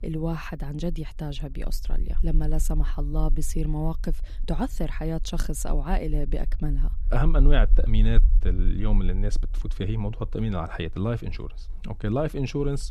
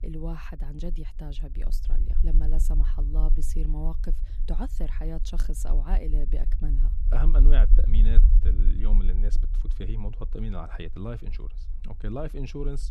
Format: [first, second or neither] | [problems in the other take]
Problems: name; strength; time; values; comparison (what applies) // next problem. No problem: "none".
first | low rumble; loud; throughout; 9 dB below the speech; faint in the first